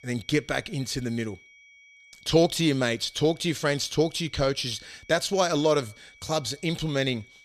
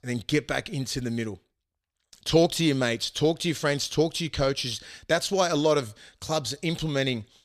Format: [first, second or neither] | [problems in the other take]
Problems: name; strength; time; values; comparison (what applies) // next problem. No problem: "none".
second | high-pitched whine; faint; throughout; 2.5 kHz, 25 dB below the speech